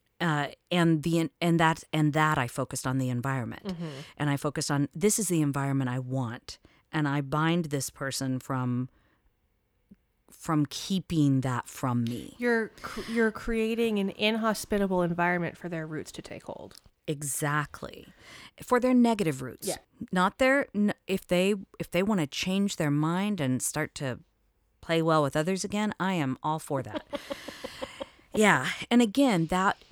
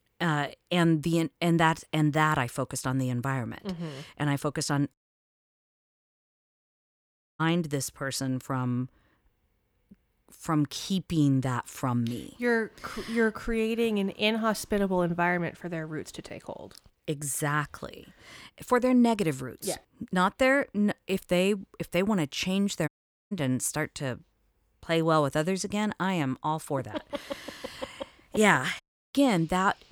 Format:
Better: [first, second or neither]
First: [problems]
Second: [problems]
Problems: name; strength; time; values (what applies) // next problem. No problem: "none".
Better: first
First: none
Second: audio cutting out; at 5 s for 2.5 s, at 23 s and at 29 s